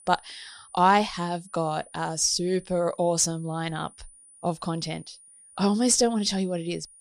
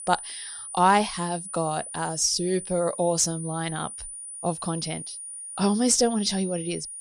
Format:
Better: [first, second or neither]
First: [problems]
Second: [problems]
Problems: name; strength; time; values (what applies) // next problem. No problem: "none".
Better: first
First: high-pitched whine; faint; throughout; 9.5 kHz, 25 dB below the speech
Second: high-pitched whine; loud; throughout; 9.5 kHz, 10 dB below the speech